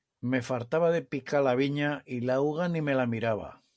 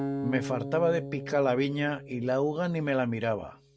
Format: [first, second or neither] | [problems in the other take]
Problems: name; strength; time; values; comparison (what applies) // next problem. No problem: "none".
first | background sound (Acoustic guitar); 9 dB below the speech